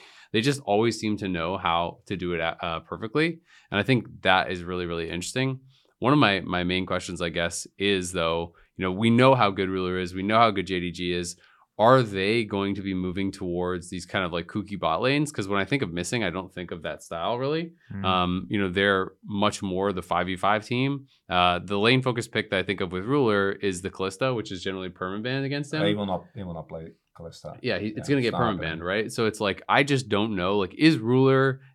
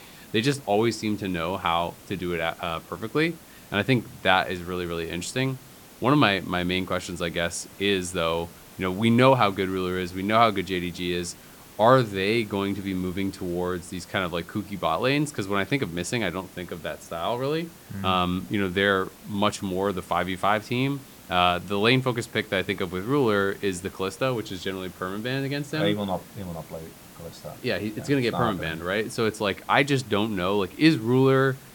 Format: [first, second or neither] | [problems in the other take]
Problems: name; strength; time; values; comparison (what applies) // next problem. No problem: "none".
first | hiss; faint; throughout; 20 dB below the speech